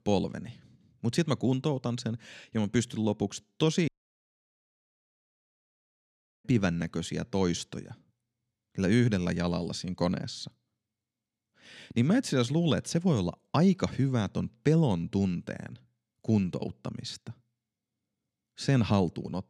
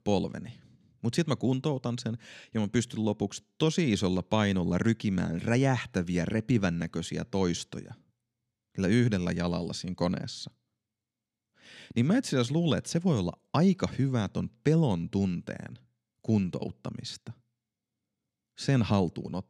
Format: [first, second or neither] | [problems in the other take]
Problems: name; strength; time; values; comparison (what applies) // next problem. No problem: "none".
second | audio cutting out; at 4 s for 2.5 s